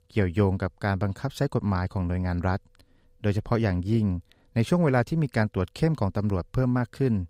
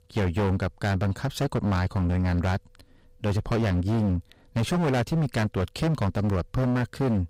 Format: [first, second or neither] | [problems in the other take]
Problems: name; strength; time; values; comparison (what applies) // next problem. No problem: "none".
first | distortion; heavy; 23% of the sound clipped